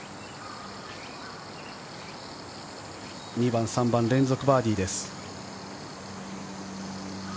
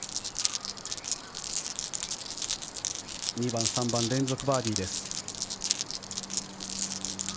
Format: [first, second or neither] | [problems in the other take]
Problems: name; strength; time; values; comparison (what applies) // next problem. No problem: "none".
first | background sound (Glass); 1 dB above the speech